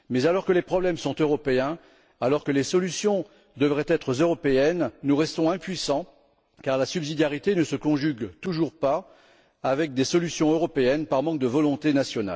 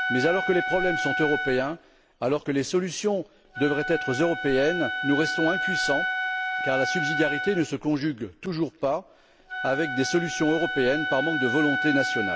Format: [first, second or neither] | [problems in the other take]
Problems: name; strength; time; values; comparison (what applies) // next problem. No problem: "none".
first | background sound (Wind instrument, woodwind instrument); 4 dB below the speech